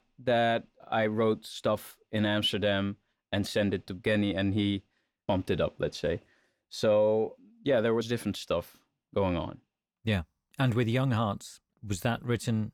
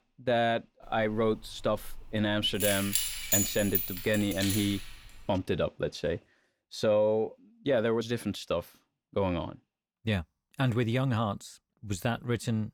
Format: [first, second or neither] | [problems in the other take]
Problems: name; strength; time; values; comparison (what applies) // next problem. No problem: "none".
first | jangling keys; loud; from 1 to 5 s; peak 4 dB above the speech